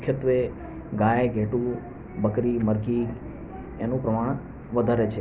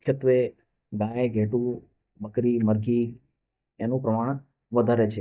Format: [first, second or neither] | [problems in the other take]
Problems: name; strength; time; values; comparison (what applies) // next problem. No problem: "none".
first | noise reduction (neural mask model DeepFilterNet 3)